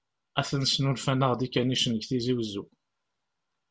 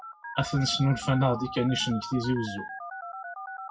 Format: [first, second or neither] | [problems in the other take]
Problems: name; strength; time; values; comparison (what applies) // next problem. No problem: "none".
first | noise reduction (classical method WPE with log-MMSE)